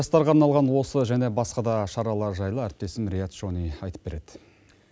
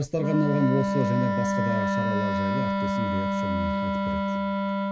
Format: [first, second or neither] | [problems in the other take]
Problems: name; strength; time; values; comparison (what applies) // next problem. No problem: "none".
first | background sound (Wind instrument, woodwind instrument); 3 dB above the speech // room echo; dies away in 2.3 s